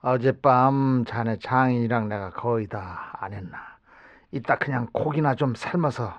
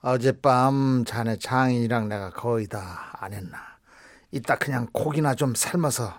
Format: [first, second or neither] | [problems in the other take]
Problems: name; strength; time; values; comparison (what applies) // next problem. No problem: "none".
second | muffled; very; fading above 3 kHz